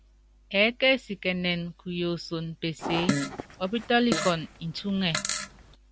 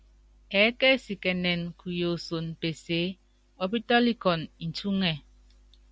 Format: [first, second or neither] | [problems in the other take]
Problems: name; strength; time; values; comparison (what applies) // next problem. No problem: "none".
second | background sound (Fart); 4 dB below the speech